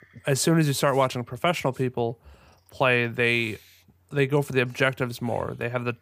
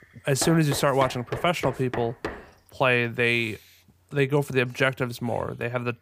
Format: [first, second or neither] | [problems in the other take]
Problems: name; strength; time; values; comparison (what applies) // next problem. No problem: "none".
first | door banging; noticeable; until 2.5 s; peak 9 dB below the speech